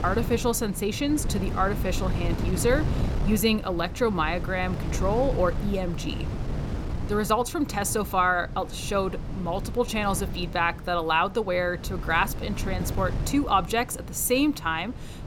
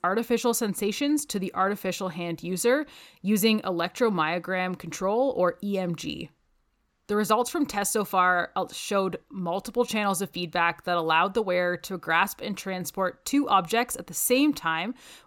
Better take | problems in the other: second | wind noise on the microphone; occasional gusts; 15 dB below the speech

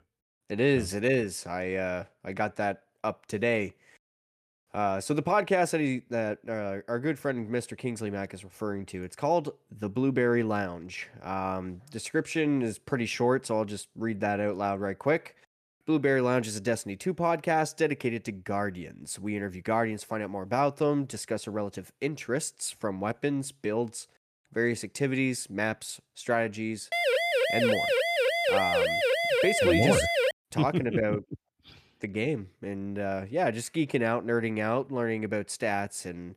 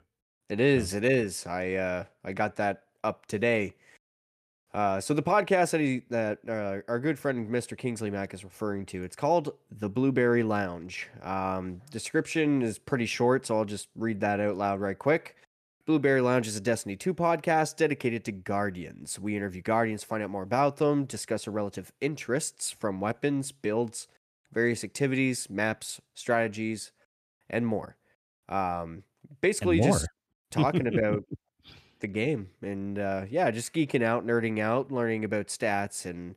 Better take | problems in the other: second | siren; loud; from 27 to 30 s; peak 5 dB above the speech

